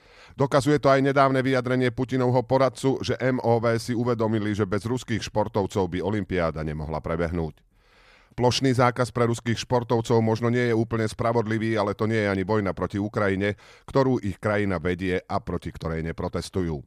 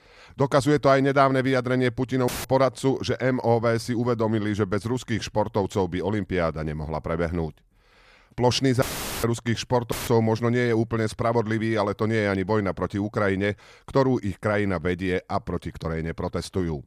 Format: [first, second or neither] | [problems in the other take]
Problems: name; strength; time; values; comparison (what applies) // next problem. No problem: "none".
first | audio cutting out; filled with static; at 2.5 s, at 9 s and at 10 s